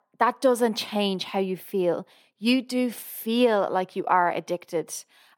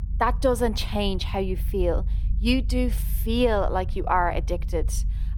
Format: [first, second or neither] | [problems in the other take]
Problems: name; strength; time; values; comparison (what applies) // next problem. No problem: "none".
first | low rumble; faint; throughout; 25 dB below the speech